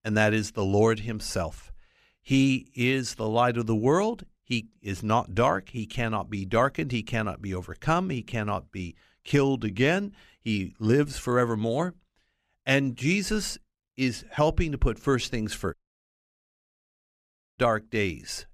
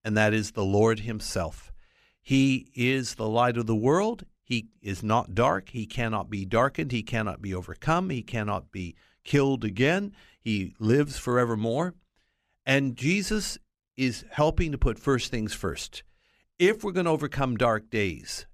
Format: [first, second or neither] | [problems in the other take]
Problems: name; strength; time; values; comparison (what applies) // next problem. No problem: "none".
second | audio cutting out; at 16 s for 2 s